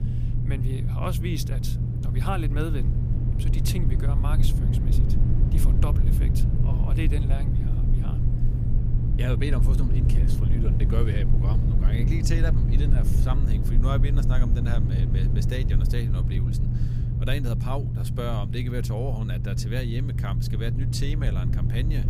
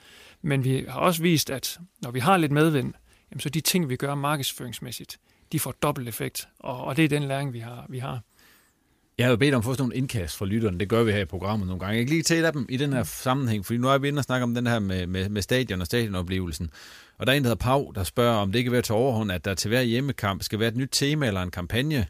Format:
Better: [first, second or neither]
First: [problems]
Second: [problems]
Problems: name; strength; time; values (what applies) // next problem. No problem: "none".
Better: second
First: low rumble; loud; throughout; 2 dB below the speech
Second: none